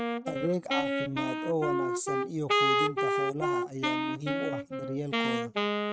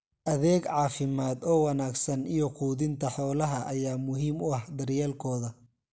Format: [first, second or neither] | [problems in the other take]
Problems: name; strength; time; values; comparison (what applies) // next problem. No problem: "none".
second | noise reduction (neural mask model RNNoise)